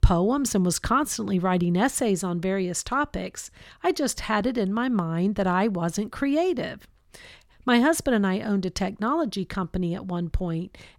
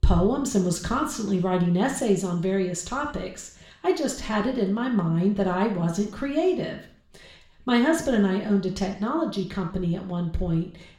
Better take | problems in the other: first | room echo; slight; dies away in 0.5 s // off-mic speech; somewhat distant

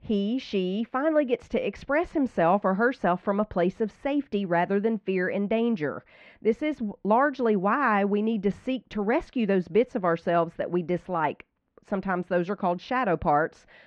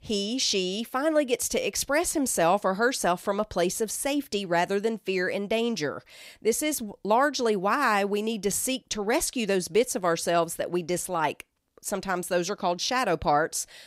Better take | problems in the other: second | muffled; very; fading above 2 kHz

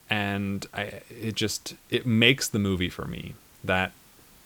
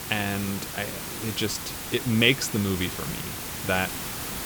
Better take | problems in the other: first | hiss; loud; throughout; 6 dB below the speech; faint in the first

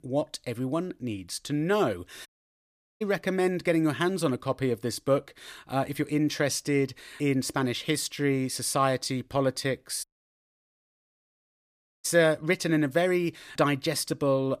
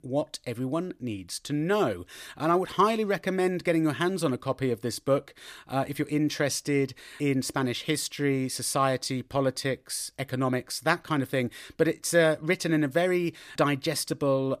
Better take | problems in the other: second | audio cutting out; at 2.5 s for 0.5 s and at 10 s for 2 s

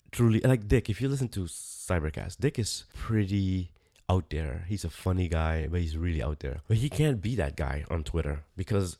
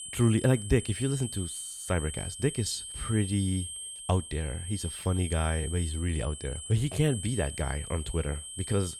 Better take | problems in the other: first | high-pitched whine; loud; throughout; 8.5 kHz, 8 dB below the speech

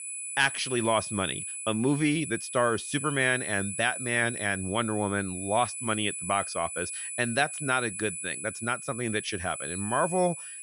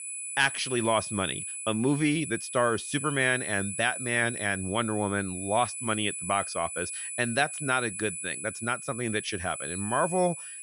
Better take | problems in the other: neither | high-pitched whine; loud; throughout; 10 kHz, 6 dB below the speech; the same in both

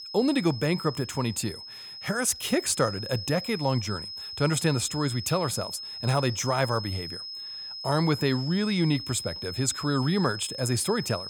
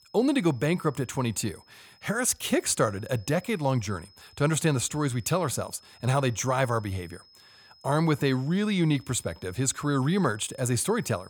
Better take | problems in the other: second | high-pitched whine; loud; throughout; 5 kHz, 8 dB below the speech; faint in the second

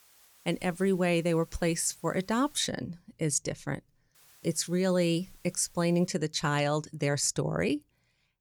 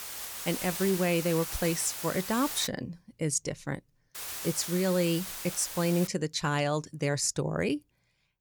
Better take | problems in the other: first | hiss; loud; until 2.5 s and from 4 to 6 s; 6 dB below the speech; faint in the first

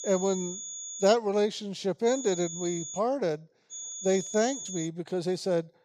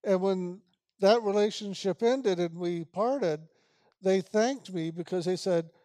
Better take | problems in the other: second | high-pitched whine; loud; until 1 s, at 2 s and from 3.5 to 5 s; 7 kHz, 8 dB below the speech

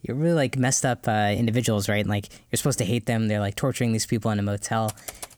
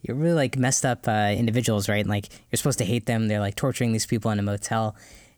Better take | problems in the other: second | keyboard typing; faint; at 5 s; peak 10 dB below the speech

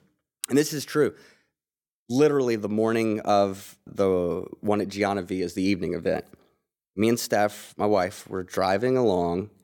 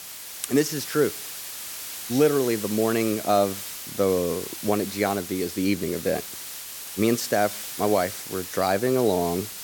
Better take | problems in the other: first | hiss; loud; throughout; 9 dB below the speech

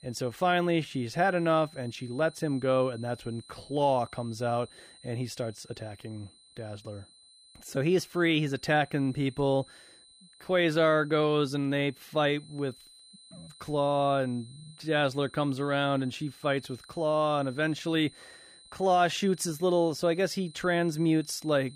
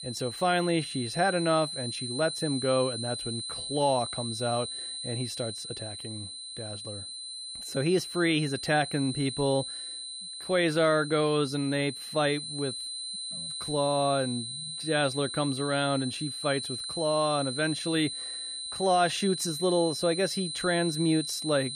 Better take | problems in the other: first | high-pitched whine; loud; throughout; 4 kHz, 6 dB below the speech; faint in the first

